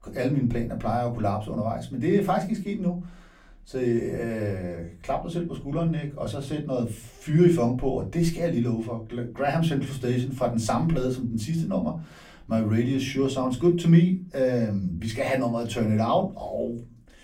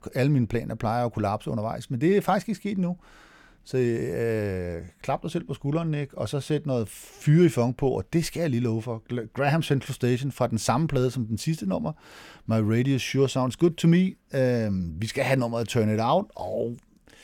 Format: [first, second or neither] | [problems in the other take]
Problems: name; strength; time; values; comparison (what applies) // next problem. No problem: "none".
second | off-mic speech; far // room echo; very slight; dies away in 0.3 s